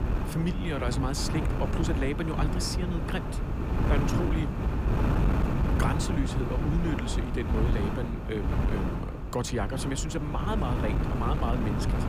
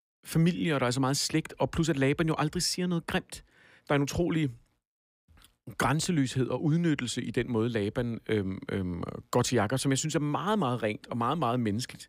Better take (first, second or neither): second